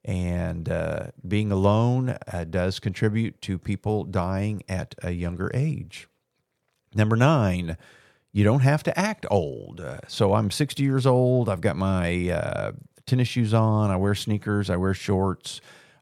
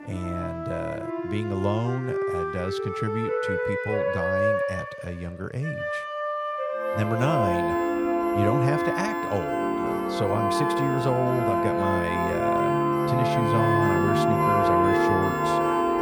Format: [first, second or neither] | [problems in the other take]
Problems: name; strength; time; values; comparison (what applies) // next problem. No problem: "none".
first | background music; very loud; throughout; 5 dB above the speech